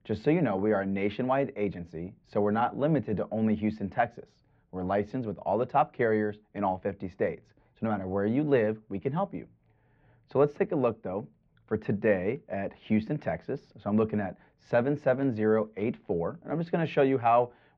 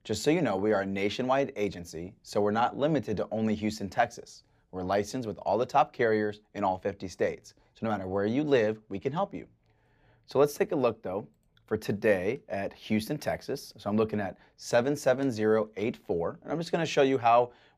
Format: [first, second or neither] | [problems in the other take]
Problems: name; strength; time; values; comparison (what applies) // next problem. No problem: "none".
second | muffled; very; fading above 2.5 kHz